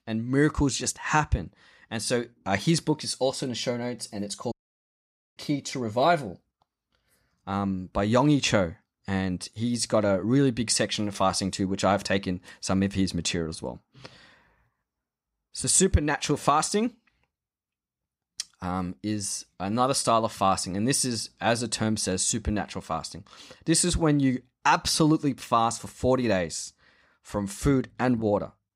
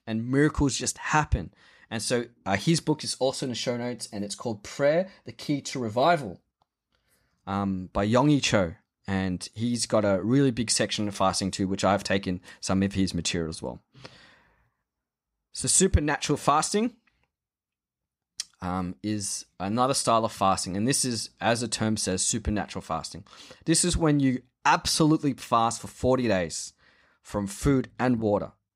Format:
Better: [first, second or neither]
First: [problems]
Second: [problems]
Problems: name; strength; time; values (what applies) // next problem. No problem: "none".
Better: second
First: audio cutting out; at 4.5 s for 1 s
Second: none